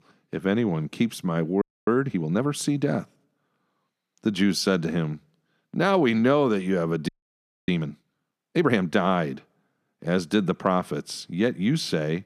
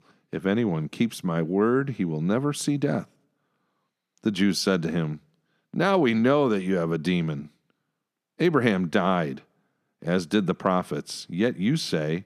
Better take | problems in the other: second | audio freezing; at 1.5 s and at 7 s for 0.5 s

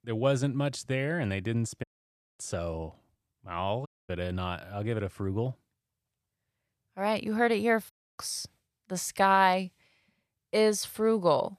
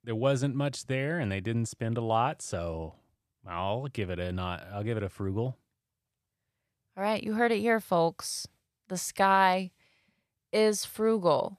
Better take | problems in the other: second | audio cutting out; at 2 s for 0.5 s, at 4 s and at 8 s

